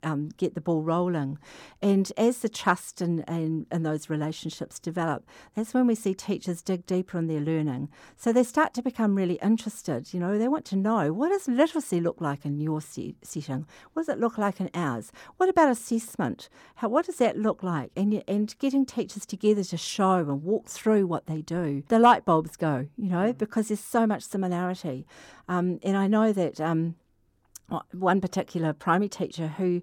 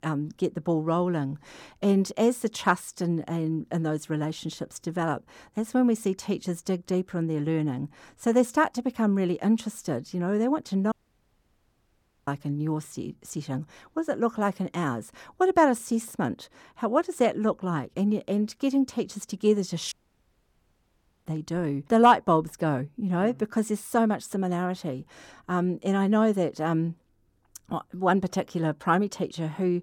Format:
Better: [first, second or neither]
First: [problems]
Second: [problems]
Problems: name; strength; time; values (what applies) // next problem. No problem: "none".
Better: first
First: none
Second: audio cutting out; at 11 s for 1.5 s and at 20 s for 1.5 s